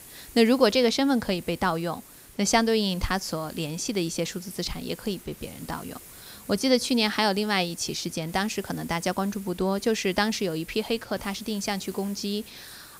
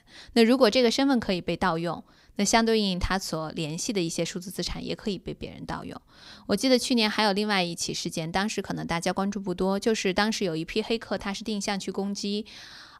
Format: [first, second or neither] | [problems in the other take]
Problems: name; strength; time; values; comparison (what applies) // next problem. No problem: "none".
second | hiss; noticeable; throughout; 20 dB below the speech